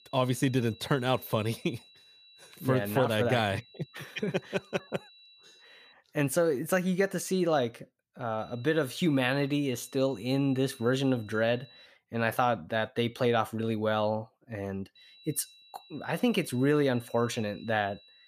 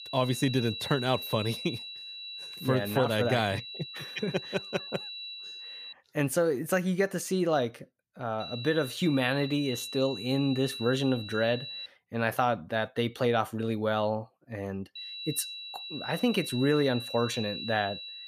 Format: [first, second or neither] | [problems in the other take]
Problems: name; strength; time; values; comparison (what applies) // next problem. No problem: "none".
first | high-pitched whine; loud; until 6 s, from 8.5 to 12 s and from 15 s on; 4 kHz, 9 dB below the speech; faint in the first